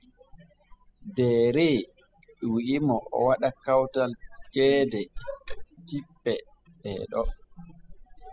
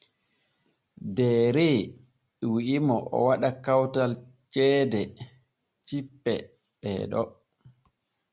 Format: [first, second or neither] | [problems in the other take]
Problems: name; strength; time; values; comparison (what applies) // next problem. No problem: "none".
second | noise reduction (classical method spectral subtraction)